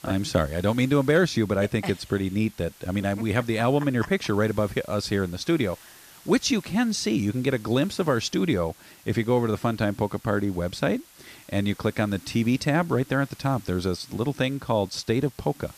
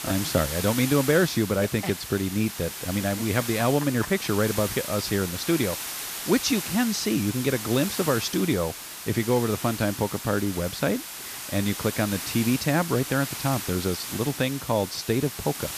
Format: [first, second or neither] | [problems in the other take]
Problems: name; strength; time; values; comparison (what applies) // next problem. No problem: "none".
first | hiss; loud; throughout; 7 dB below the speech; faint in the first